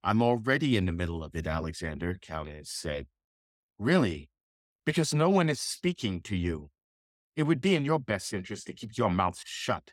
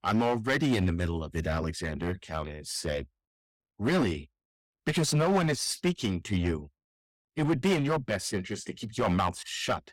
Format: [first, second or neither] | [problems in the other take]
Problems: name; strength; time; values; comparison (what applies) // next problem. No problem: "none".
first | distortion; heavy; 6% of the sound clipped